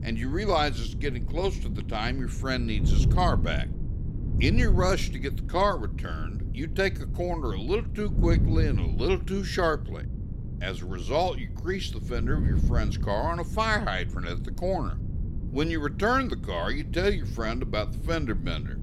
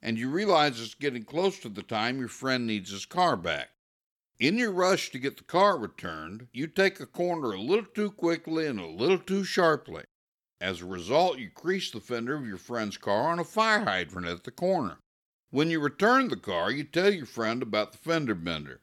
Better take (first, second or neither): second